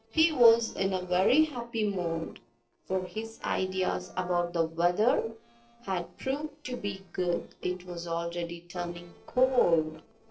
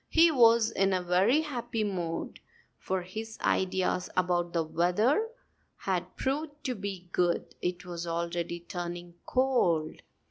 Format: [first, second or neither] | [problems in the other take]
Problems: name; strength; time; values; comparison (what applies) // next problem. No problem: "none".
second | noise reduction (neural separator model SepFormer DNS4)